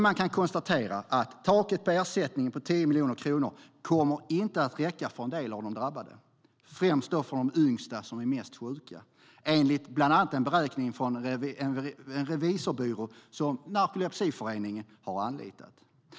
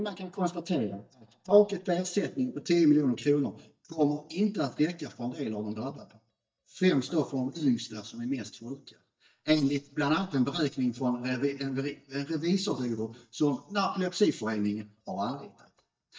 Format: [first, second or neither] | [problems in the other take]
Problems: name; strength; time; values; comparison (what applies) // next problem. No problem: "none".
first | noise reduction (neural mask model DeepFilterNet 3)